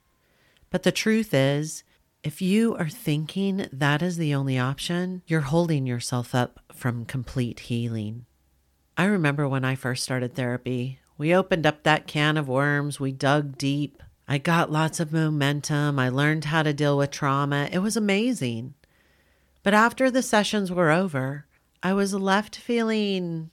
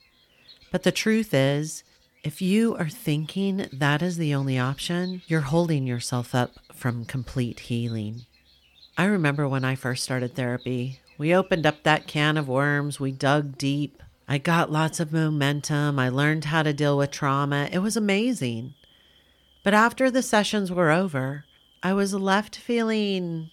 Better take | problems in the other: first | animal sounds; faint; throughout; 30 dB below the speech

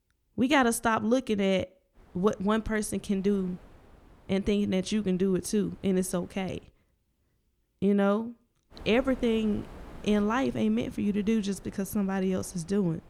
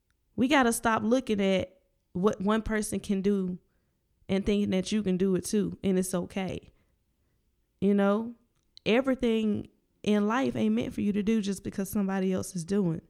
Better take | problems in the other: second | wind noise on the microphone; occasional gusts; from 2 to 6.5 s and from 8.5 s on; 25 dB below the speech

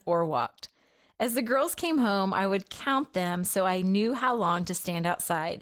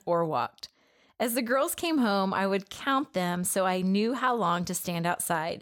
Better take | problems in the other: second | garbled, watery; slightly; nothing above 15.5 kHz

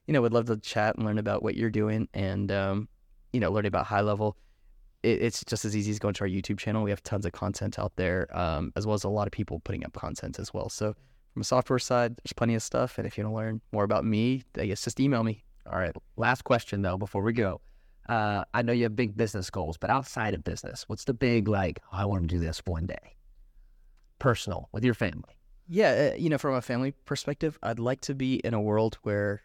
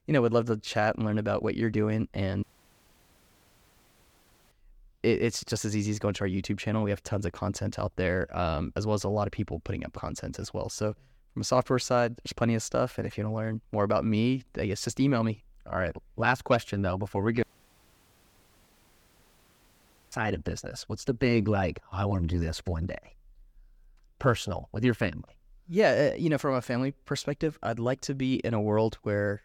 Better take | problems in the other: first | audio cutting out; at 2.5 s for 2 s and at 17 s for 2.5 s

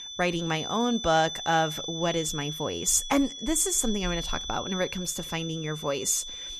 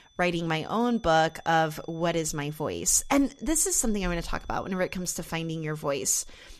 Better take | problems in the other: second | high-pitched whine; loud; throughout; 3.5 kHz, 8 dB below the speech; faint in the second

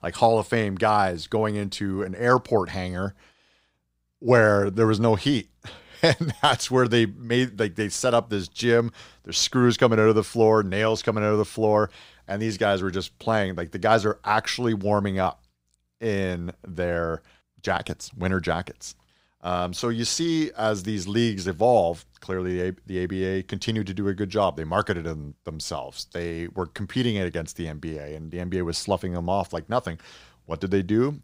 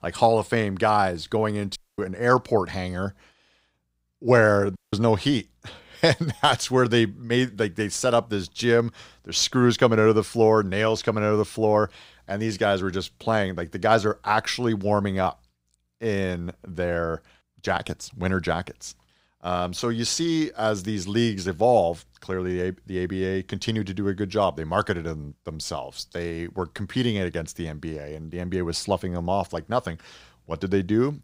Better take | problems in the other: first | audio cutting out; at 2 s and at 5 s

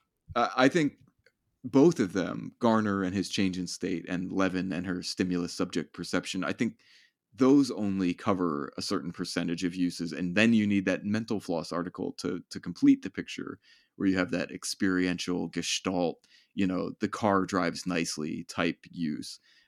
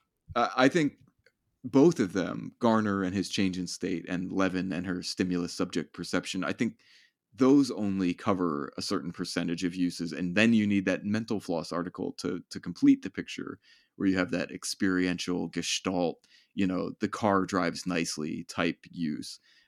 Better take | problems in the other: neither | none

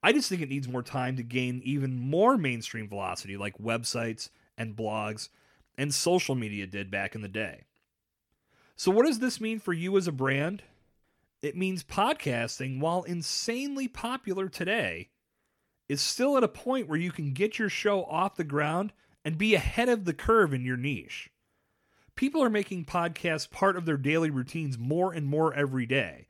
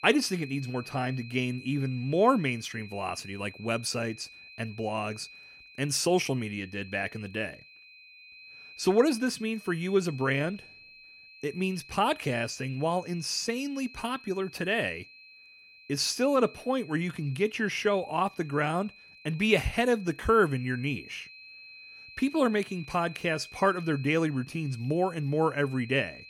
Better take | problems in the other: first | high-pitched whine; noticeable; throughout; 2.5 kHz, 20 dB below the speech

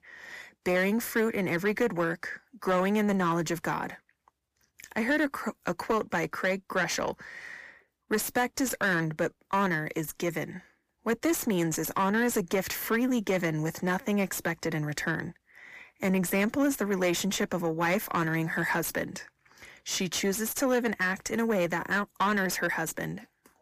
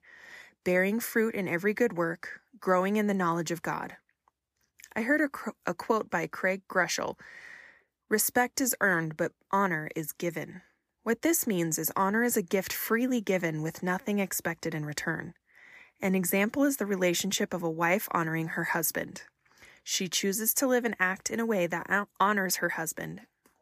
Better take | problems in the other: second | distortion; slight; 10 dB below the speech

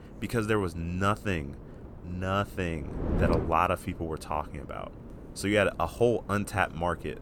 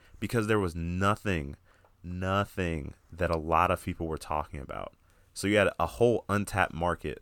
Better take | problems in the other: second | wind noise on the microphone; occasional gusts; 15 dB below the speech

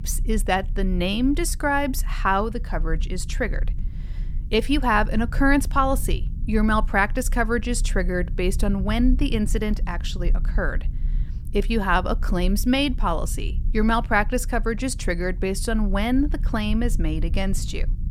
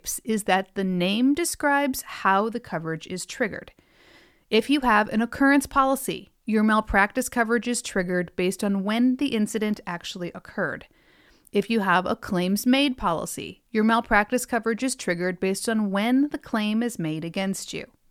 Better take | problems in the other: second | low rumble; faint; throughout; 25 dB below the speech

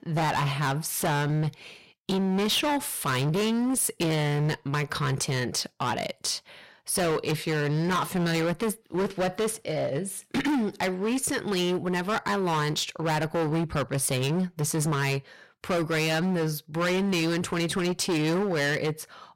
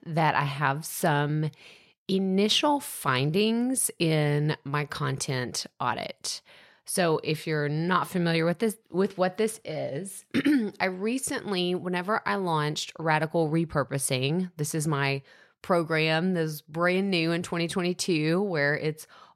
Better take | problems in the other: second | distortion; heavy; 24% of the sound clipped

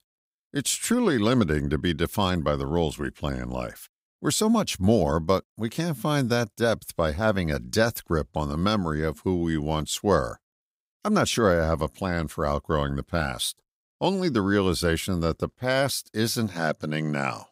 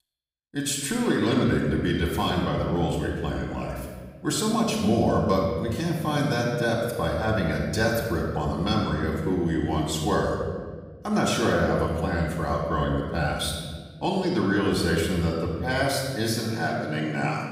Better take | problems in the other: first | room echo; noticeable; dies away in 1.5 s // off-mic speech; far

